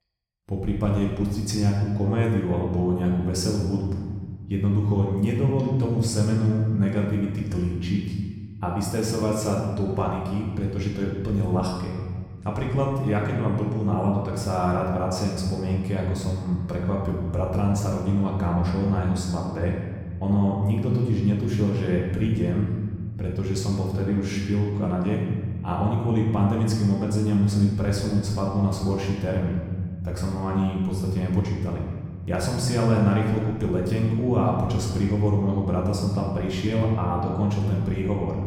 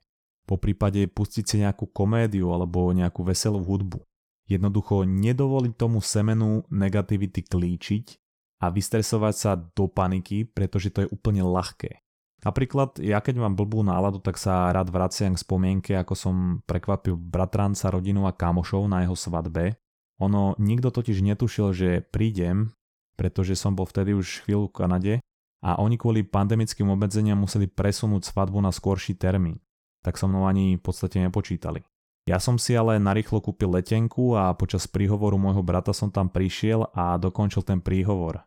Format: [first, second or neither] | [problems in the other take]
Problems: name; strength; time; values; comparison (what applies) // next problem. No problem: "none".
second | room echo; noticeable; dies away in 1.6 s // off-mic speech; far